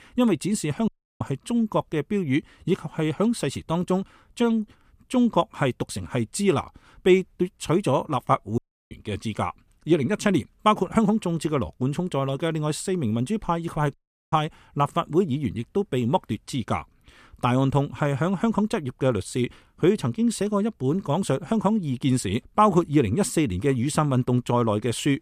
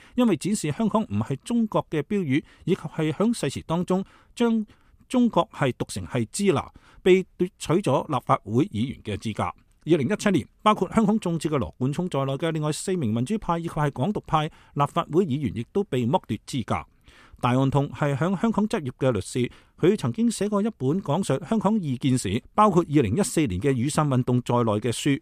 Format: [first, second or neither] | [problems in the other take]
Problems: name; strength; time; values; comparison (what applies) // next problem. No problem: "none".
second | audio cutting out; at 1 s, at 8.5 s and at 14 s